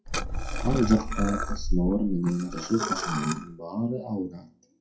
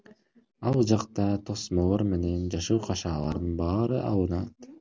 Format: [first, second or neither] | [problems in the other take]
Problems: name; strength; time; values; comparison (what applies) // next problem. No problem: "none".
second | noise reduction (classical method WPE with log-MMSE)